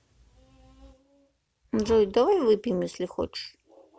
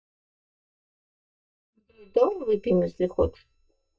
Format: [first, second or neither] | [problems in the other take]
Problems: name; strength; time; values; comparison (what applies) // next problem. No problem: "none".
first | noise reduction (neural mask model DeepFilterNet 3)